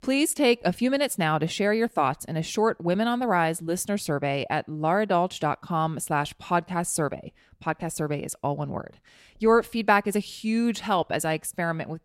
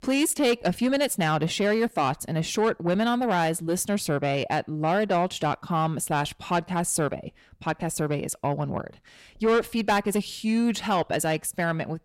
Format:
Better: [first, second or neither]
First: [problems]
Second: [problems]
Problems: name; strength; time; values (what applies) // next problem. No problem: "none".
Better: first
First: none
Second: distortion; slight; 10 dB below the speech